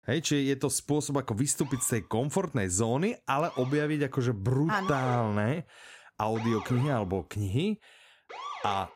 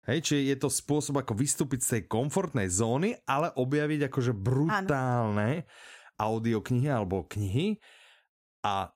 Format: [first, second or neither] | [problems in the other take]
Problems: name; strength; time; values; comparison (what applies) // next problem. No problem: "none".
second | siren; noticeable; from 1.5 s on; peak 6 dB below the speech